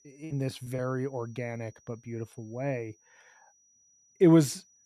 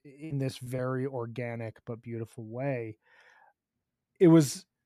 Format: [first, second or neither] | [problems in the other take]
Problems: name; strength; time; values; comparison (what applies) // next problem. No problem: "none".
second | high-pitched whine; faint; throughout; 6 kHz, 35 dB below the speech